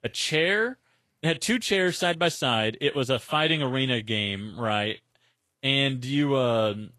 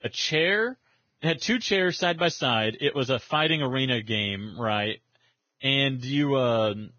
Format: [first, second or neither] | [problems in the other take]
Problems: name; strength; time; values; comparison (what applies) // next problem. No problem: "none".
first | garbled, watery; badly; nothing above 6.5 kHz; slightly in the first